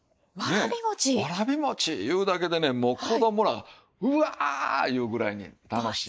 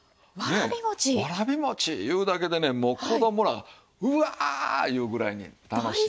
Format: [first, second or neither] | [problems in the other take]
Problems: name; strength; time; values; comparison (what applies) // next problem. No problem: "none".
second | noise reduction (neural mask model Resemble Enhance denoiser)